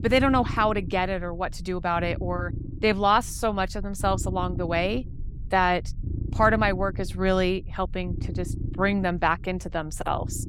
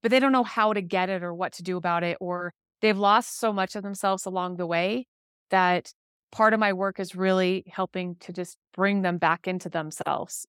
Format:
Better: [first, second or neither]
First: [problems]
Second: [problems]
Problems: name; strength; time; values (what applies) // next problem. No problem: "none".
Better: second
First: low rumble; faint; throughout; 20 dB below the speech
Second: none